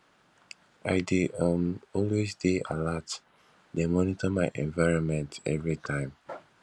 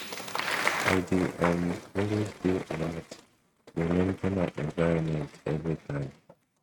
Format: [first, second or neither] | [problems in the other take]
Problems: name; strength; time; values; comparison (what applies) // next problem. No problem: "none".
first | noise reduction (neural mask model RNNoise)